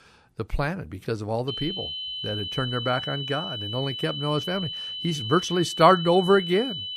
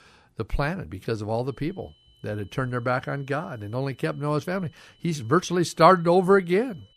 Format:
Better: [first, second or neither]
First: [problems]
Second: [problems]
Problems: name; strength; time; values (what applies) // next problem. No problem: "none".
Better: second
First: high-pitched whine; loud; from 1.5 s on; 3 kHz, 6 dB below the speech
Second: high-pitched whine; faint; from 1.5 s on; 3 kHz, 35 dB below the speech